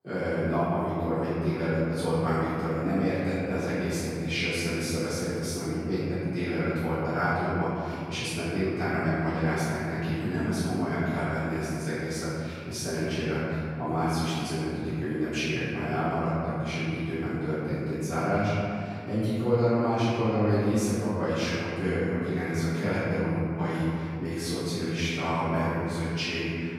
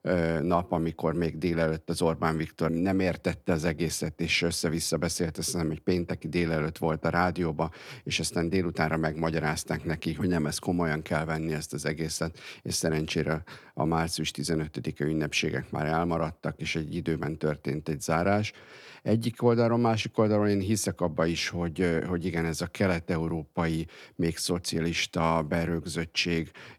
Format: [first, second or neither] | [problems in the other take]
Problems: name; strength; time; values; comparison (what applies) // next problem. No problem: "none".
second | off-mic speech; far // room echo; strong; dies away in 2.3 s